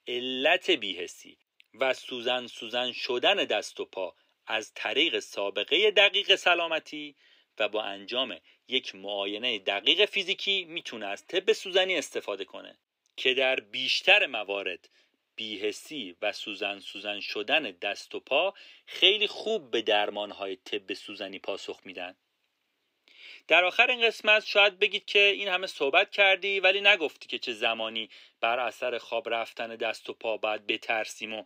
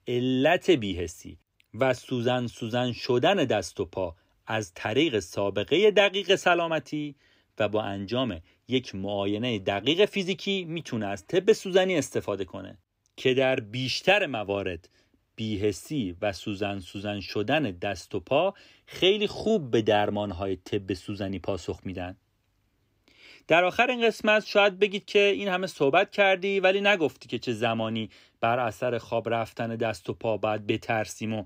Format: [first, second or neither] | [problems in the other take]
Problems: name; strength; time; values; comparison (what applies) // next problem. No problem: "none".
second | thin; somewhat; fading below 450 Hz